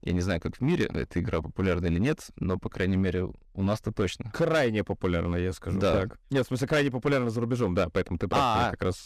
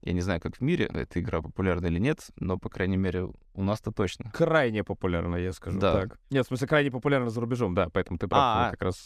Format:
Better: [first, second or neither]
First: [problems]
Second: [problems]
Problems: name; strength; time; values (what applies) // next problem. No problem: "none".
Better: second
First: distortion; slight; 5% of the sound clipped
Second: none